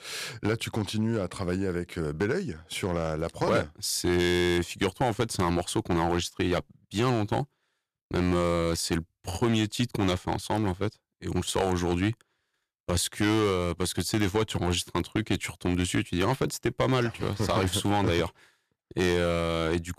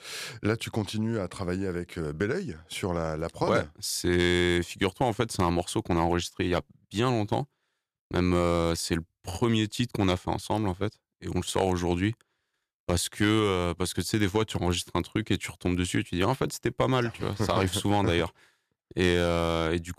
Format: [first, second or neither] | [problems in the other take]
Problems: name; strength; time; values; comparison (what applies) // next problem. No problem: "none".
second | distortion; slight; 4% of the sound clipped